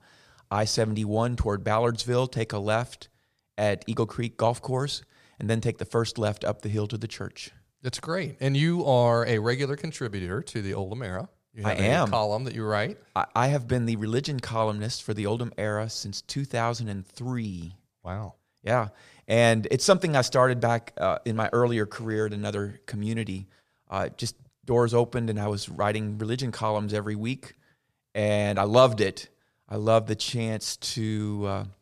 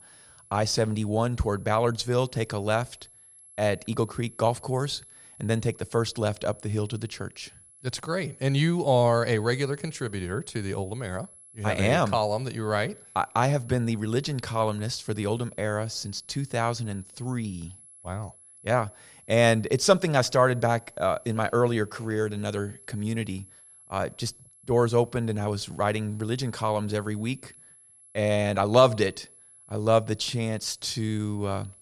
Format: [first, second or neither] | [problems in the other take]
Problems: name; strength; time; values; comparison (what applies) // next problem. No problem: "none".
first | high-pitched whine; faint; throughout; 11 kHz, 25 dB below the speech